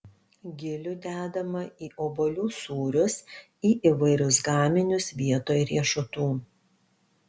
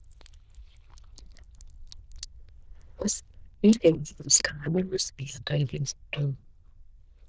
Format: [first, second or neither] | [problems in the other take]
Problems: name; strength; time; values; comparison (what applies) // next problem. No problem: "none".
first | noise reduction (neural diffusion model UNIVERSE++)